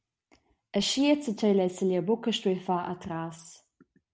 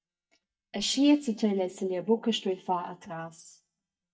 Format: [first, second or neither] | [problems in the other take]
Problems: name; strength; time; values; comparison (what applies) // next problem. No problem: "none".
first | noise reduction (neural mask model DeepFilterNet 3)